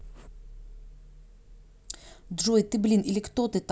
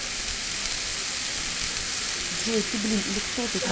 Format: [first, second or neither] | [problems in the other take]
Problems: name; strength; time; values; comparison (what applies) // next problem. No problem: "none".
first | background sound (Frying (food)); 4 dB above the speech